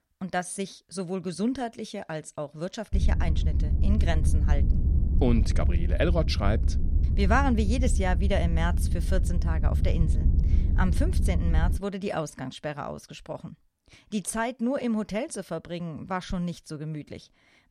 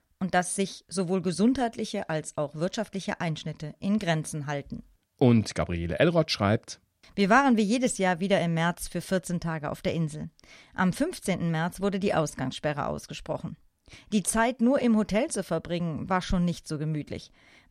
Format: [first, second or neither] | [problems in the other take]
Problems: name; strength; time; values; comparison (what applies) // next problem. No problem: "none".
second | low rumble; noticeable; from 3 to 12 s; 10 dB below the speech